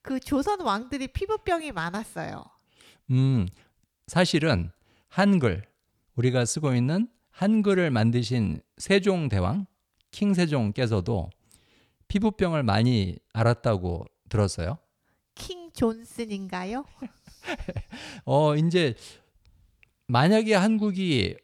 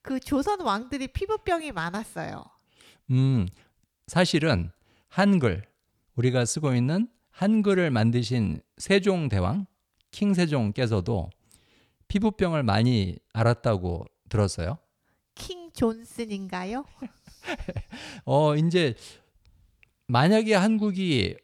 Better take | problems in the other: neither | none

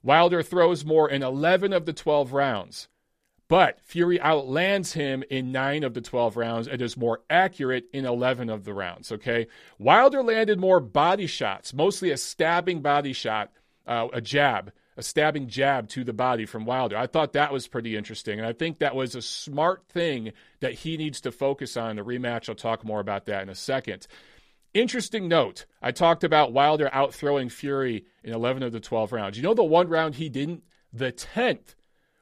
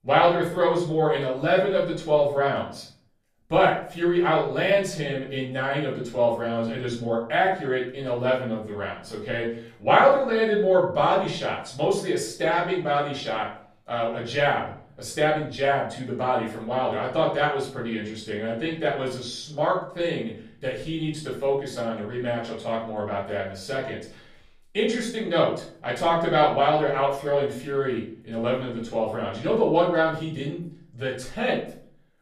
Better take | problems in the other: first | room echo; noticeable; dies away in 0.4 s // off-mic speech; far

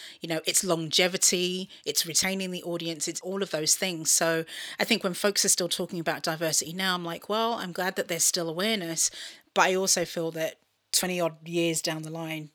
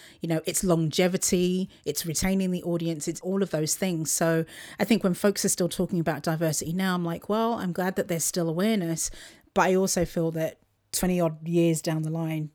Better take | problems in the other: second | thin; very slightly; fading below 450 Hz

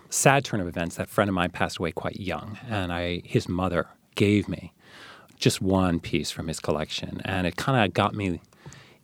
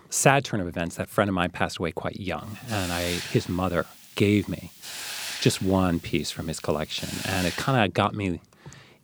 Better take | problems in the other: first | hiss; loud; from 2.5 to 8 s; 8 dB below the speech

